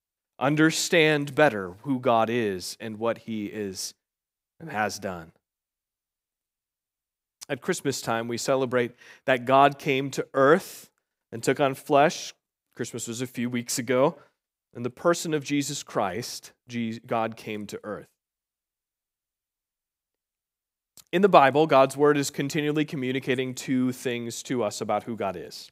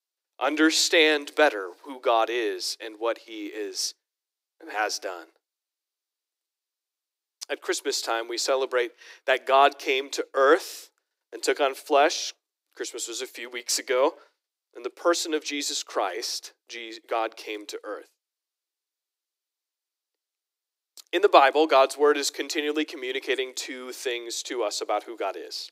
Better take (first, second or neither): first